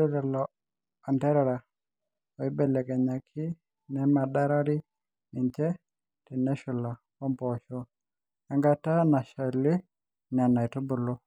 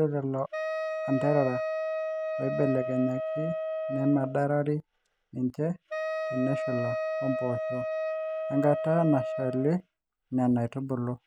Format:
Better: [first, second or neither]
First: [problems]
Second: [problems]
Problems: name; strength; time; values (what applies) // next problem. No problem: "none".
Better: first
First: none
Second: background sound (Wind instrument, woodwind instrument); 3 dB below the speech